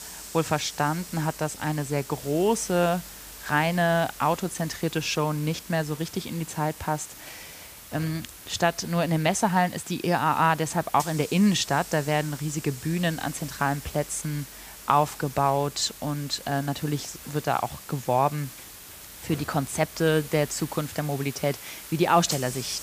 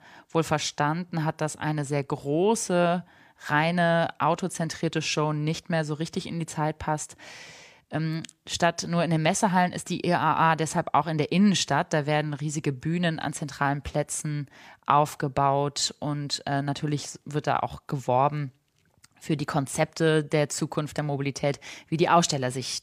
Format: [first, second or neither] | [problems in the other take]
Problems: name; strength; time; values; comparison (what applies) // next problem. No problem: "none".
second | hiss; noticeable; throughout; 15 dB below the speech